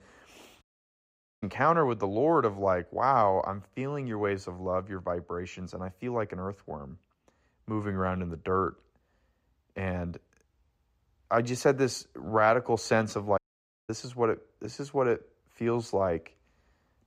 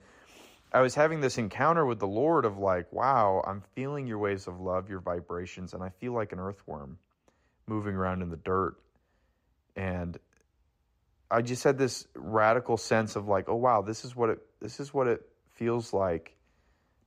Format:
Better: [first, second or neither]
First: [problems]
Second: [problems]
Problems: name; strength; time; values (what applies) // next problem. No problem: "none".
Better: second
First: audio cutting out; at 0.5 s for 1 s and at 13 s for 0.5 s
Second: none